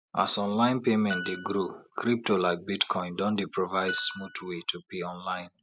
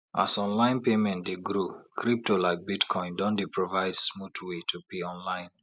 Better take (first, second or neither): second